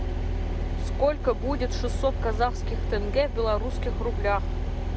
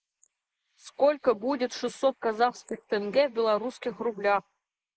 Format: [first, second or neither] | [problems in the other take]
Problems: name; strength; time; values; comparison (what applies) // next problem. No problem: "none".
first | noise reduction (neural mask model Resemble Enhance denoiser)